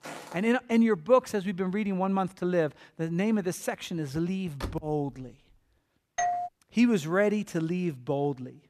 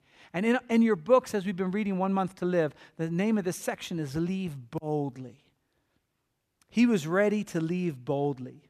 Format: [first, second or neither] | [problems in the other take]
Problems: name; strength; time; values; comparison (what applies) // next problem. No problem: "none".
second | footsteps; faint; at the start; peak 15 dB below the speech // door banging; faint; at 4.5 s; peak 10 dB below the speech // doorbell; noticeable; at 6 s; peak 1 dB below the speech